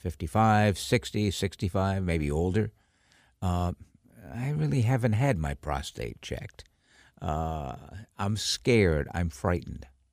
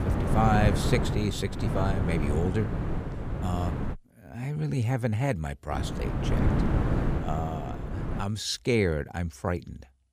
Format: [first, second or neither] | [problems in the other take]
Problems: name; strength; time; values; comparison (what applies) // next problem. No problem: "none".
first | wind noise on the microphone; heavy; until 4 s and from 5.5 to 8 s; 4 dB below the speech